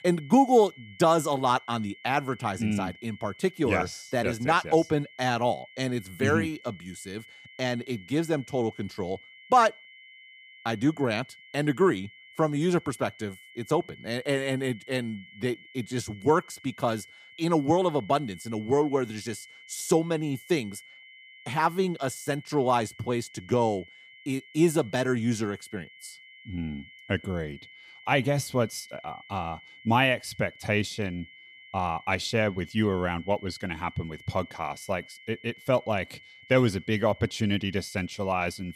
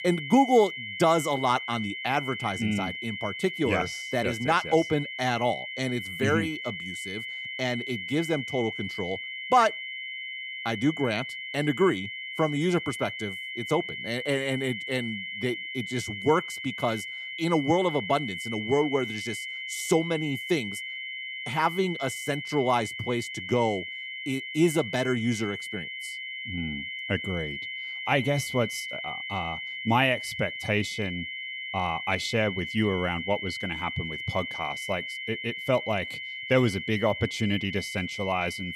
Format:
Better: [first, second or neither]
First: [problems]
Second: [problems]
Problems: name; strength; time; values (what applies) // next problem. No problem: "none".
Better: first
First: high-pitched whine; faint; throughout; 2 kHz, 20 dB below the speech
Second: high-pitched whine; loud; throughout; 2 kHz, 6 dB below the speech